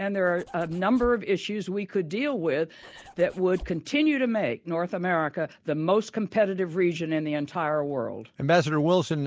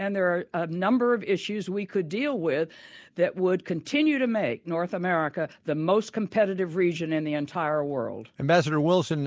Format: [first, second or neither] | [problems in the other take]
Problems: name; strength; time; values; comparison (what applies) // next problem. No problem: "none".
second | background sound (Zipper (clothing)); 19 dB below the speech